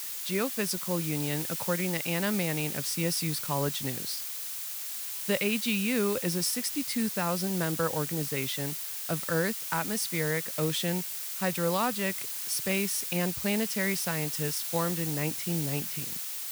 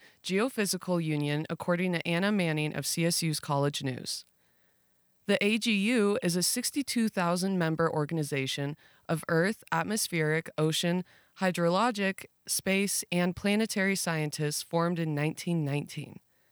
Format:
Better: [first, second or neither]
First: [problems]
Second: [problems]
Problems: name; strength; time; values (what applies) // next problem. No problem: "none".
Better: second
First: hiss; loud; throughout; 2 dB below the speech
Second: none